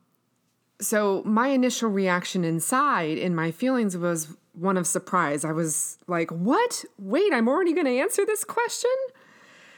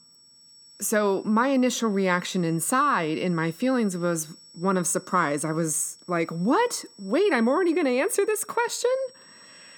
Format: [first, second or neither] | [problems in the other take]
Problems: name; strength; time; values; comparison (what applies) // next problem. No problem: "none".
first | high-pitched whine; faint; throughout; 5.5 kHz, 25 dB below the speech